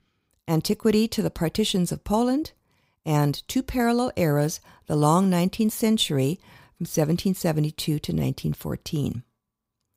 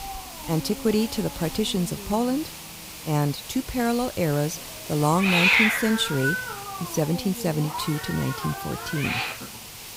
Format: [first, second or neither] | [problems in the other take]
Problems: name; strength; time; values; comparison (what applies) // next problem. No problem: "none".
first | hiss; loud; throughout; 2 dB below the speech